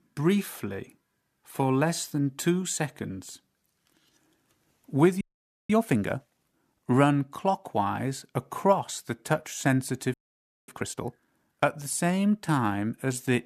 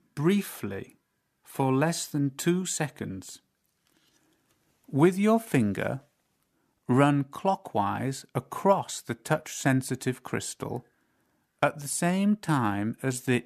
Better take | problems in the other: second | audio freezing; at 5 s and at 10 s for 0.5 s

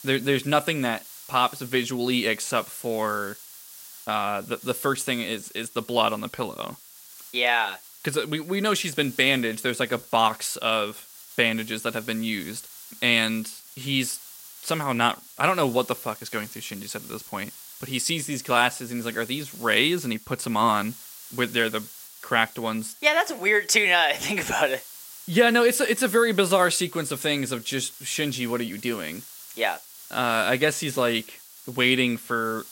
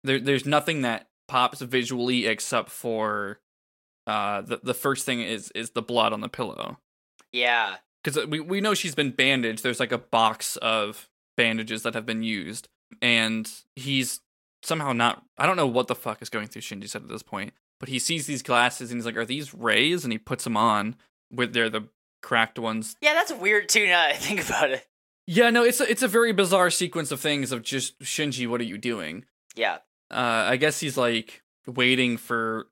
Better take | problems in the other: second | hiss; noticeable; throughout; 20 dB below the speech

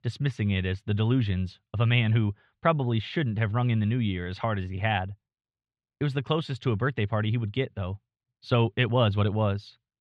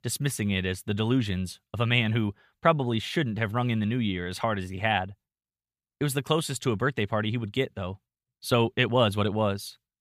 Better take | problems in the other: second | muffled; slightly; fading above 4 kHz

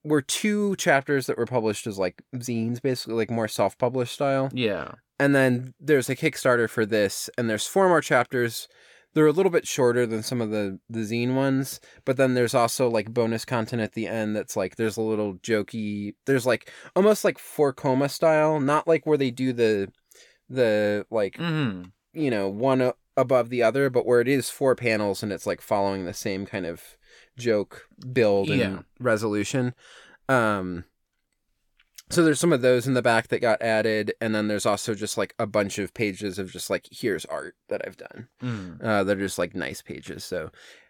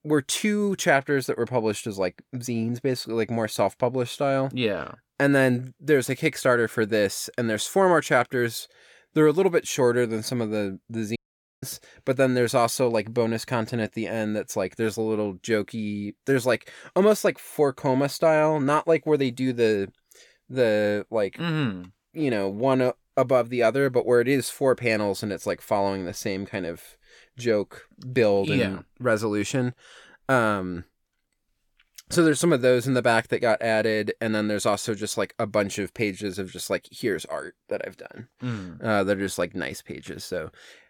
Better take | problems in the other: first | audio cutting out; at 11 s

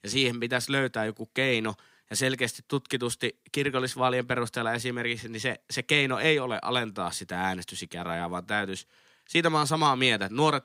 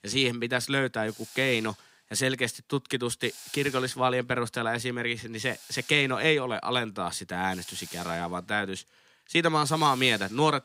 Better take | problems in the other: first | hiss; noticeable; throughout; 15 dB below the speech

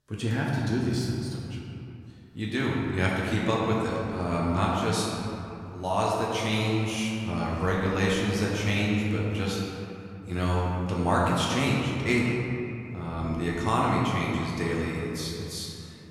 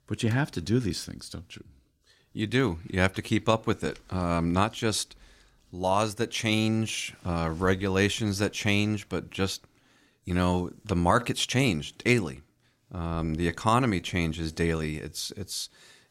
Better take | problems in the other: second | room echo; noticeable; dies away in 2.6 s // off-mic speech; far

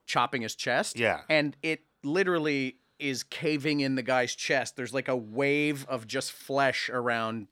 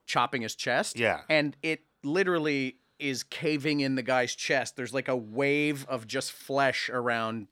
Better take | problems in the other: neither | none

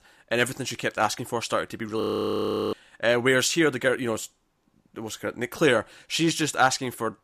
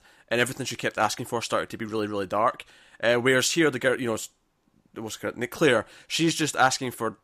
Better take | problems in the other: second | audio freezing; at 2 s for 0.5 s

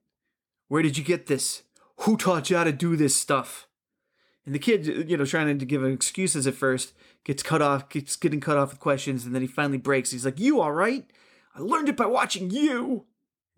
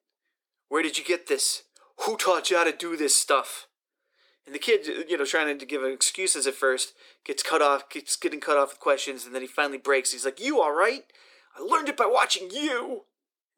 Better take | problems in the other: first | thin; very; fading below 350 Hz

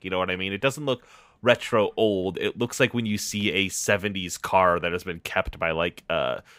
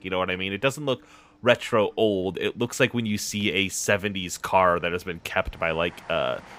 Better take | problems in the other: first | train or aircraft noise; faint; throughout; 30 dB below the speech

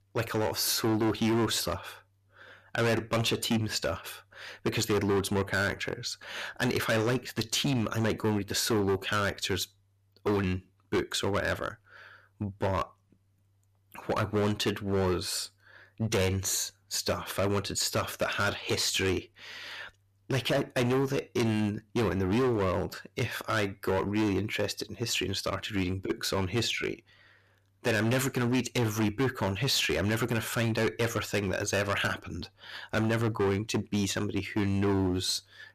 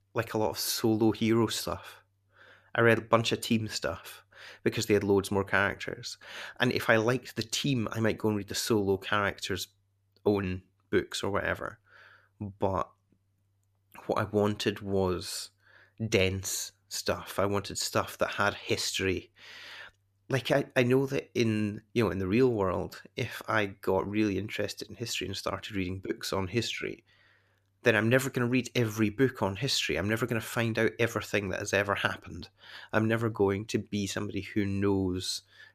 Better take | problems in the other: second | distortion; heavy; 12% of the sound clipped

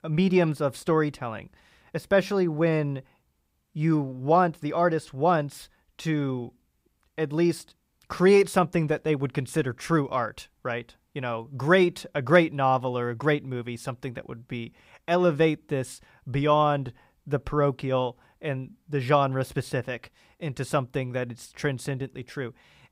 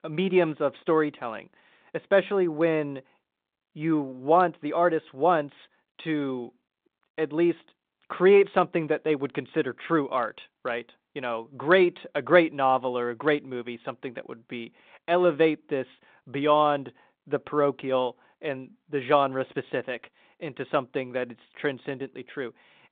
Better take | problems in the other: first | phone-call audio; nothing above 3.5 kHz

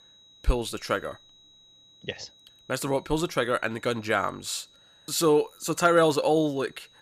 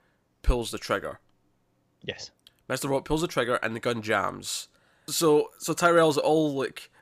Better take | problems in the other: second | high-pitched whine; faint; throughout; 4 kHz, 30 dB below the speech

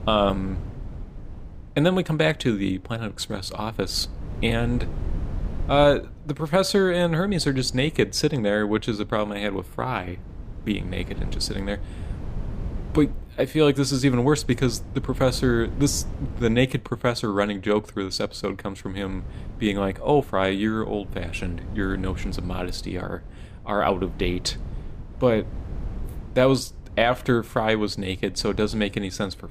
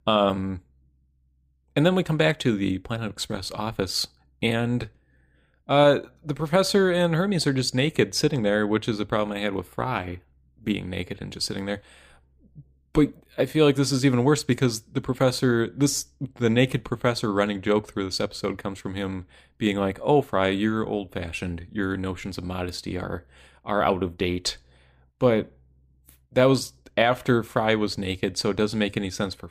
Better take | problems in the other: second | wind noise on the microphone; occasional gusts; 20 dB below the speech

